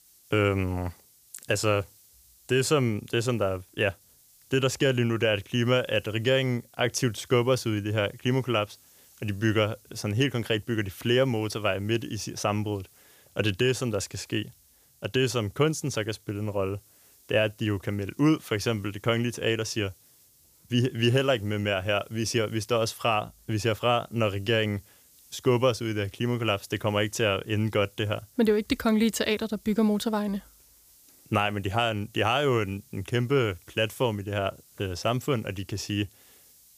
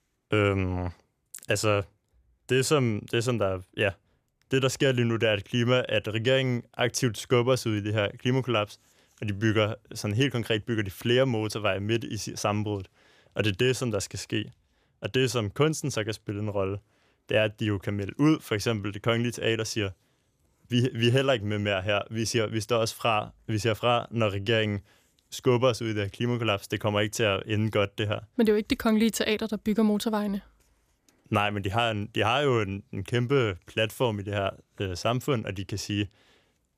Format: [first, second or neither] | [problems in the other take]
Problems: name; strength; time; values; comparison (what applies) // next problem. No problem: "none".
second | hiss; faint; throughout; 30 dB below the speech